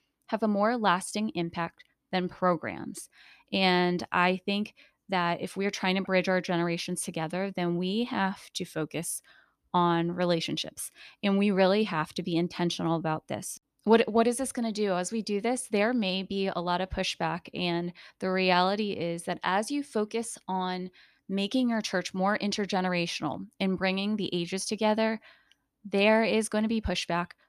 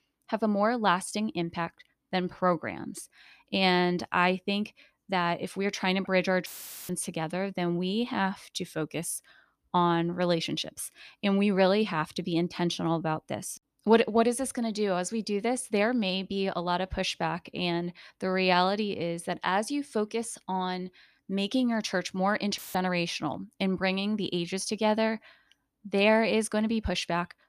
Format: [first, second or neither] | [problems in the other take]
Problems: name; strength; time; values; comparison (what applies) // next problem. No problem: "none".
first | audio cutting out; filled with static; at 6.5 s and at 23 s